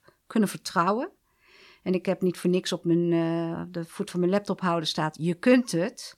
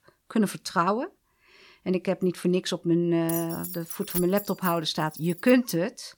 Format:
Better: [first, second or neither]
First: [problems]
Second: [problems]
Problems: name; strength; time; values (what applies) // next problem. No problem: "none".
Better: first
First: none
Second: jangling keys; noticeable; from 3.5 s on; peak 5 dB below the speech